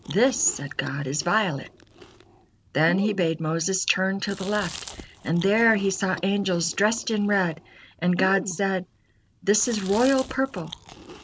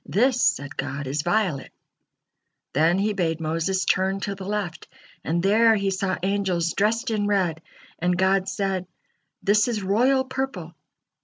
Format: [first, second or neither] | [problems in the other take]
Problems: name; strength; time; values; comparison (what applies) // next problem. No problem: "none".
second | background sound (Chewing, mastication); 16 dB below the speech